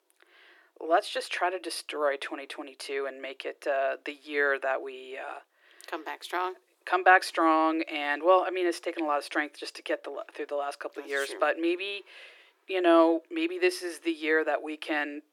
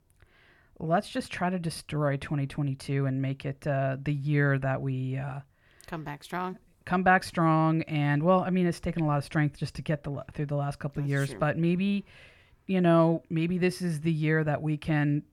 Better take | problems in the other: second | thin; very; fading below 350 Hz

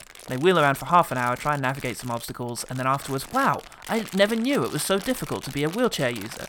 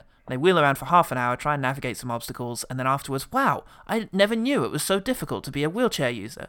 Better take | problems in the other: second | household noises; noticeable; throughout; 15 dB below the speech

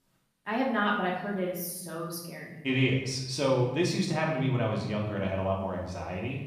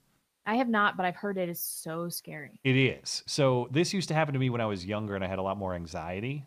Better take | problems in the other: second | room echo; noticeable; dies away in 0.8 s // off-mic speech; far

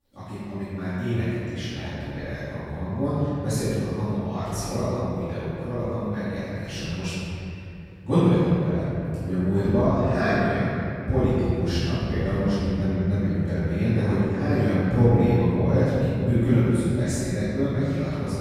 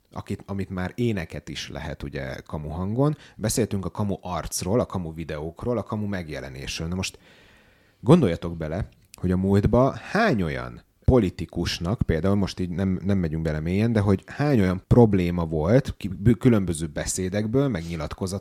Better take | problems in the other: second | off-mic speech; far // room echo; strong; dies away in 2.9 s

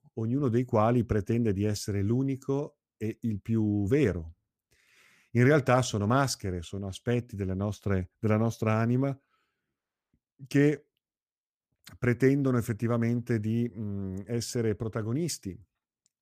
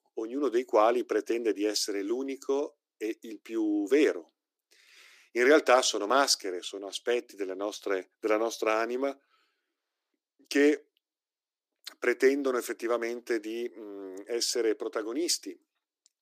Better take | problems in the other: first | thin; somewhat; fading below 300 Hz

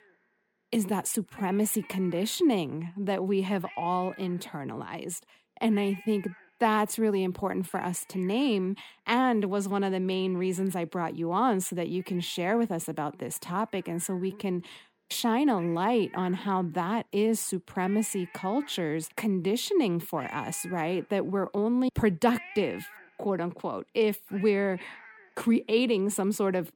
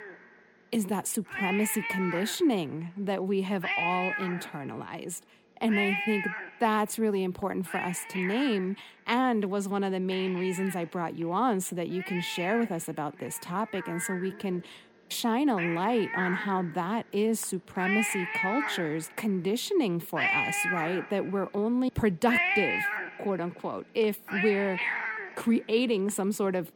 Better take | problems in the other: first | animal sounds; loud; throughout; 2 dB below the speech; faint in the first

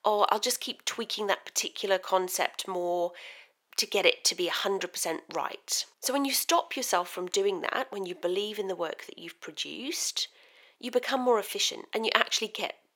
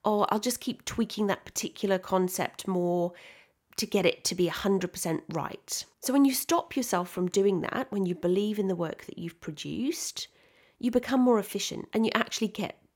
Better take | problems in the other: second | thin; somewhat; fading below 550 Hz

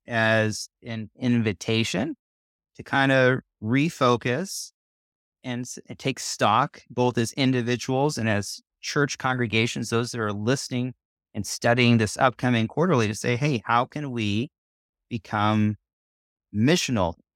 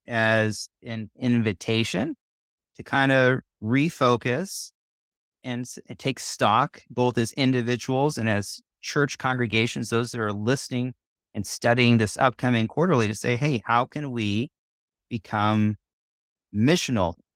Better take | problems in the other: first | garbled, watery; slightly; nothing above 16.5 kHz

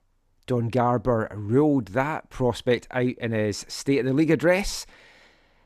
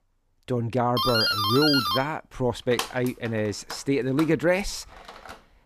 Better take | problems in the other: first | doorbell; loud; from 1 s on; peak 4 dB above the speech

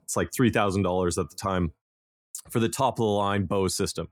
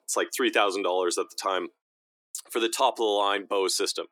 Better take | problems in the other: first | thin; very; fading below 300 Hz

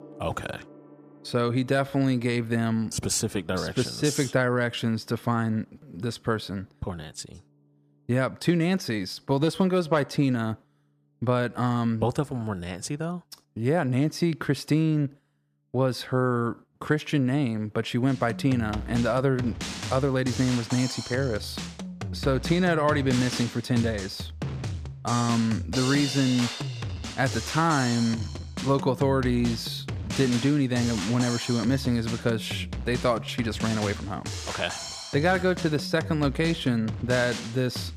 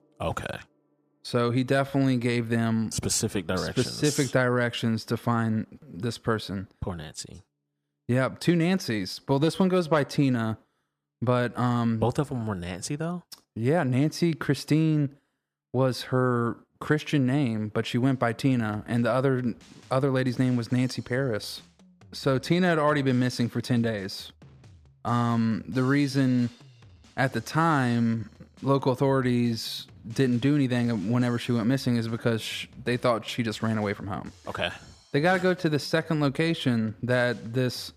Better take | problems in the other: second | background music; loud; throughout; 8 dB below the speech; faint in the second

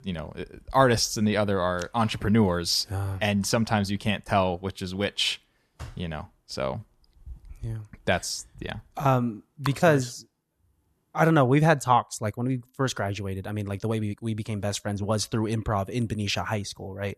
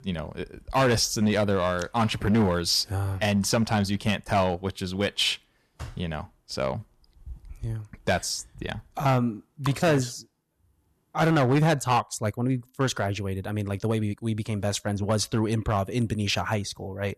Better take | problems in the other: first | distortion; slight; 4% of the sound clipped

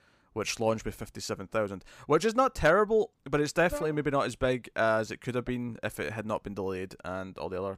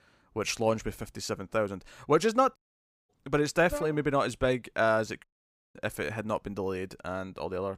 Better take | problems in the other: first | audio cutting out; at 2.5 s for 0.5 s and at 5 s for 0.5 s

